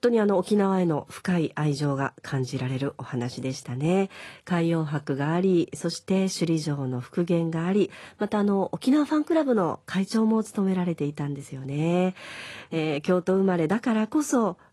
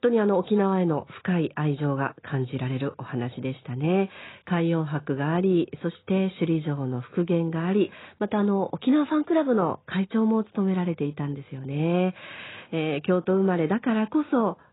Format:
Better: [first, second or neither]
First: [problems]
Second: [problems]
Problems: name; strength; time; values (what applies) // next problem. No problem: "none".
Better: first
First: garbled, watery; slightly; nothing above 12 kHz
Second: garbled, watery; badly; nothing above 4 kHz